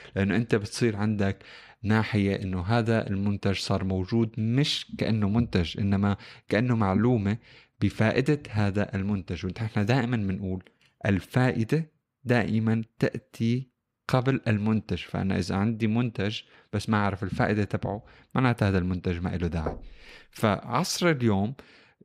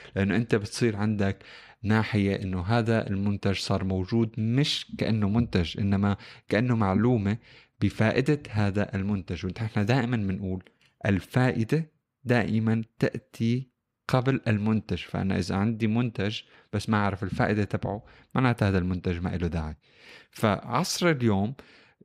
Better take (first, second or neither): second